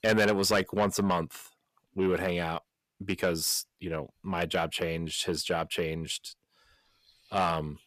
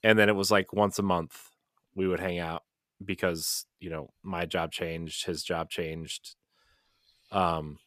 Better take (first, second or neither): second